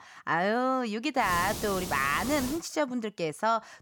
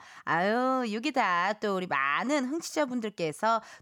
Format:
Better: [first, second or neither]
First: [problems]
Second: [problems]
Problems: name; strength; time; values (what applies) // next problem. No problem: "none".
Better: second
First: hiss; loud; from 1.5 to 2.5 s; 8 dB below the speech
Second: none